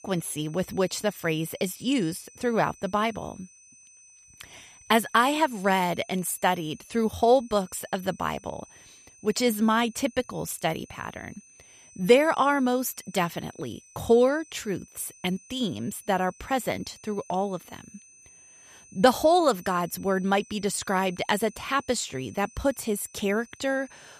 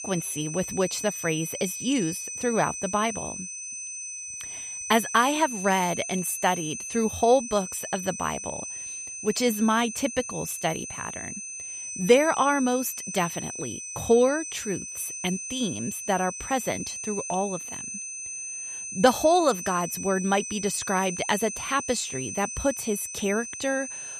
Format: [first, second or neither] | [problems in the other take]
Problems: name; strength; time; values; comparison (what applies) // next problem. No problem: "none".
first | high-pitched whine; loud; throughout; 6 kHz, 7 dB below the speech; faint in the first